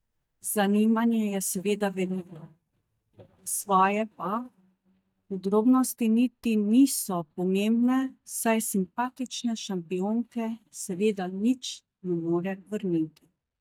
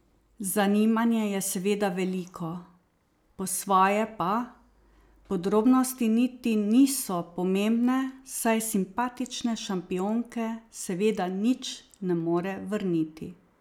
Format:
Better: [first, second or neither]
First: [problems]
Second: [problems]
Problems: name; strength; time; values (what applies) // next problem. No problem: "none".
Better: second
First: noise reduction (neural mask model DeepFilterNet 3)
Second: none